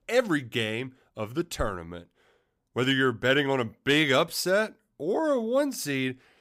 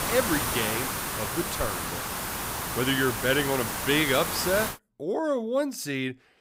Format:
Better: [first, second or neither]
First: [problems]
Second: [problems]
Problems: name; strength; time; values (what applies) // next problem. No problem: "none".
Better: first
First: none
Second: hiss; loud; until 4.5 s; 2 dB below the speech